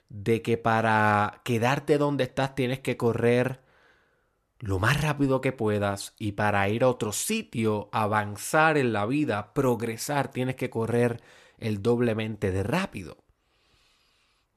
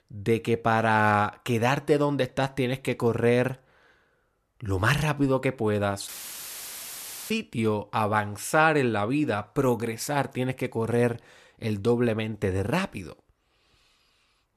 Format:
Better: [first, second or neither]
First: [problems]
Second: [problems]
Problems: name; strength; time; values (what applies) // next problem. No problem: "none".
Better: first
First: none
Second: audio cutting out; filled with static; at 6 s for 1 s